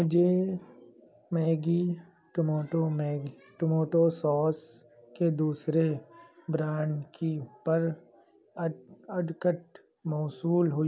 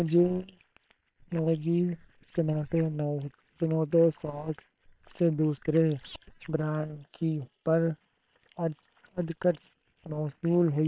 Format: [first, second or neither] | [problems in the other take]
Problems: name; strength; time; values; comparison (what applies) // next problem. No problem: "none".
first | noise reduction (neural separator model SepFormer WHAM!)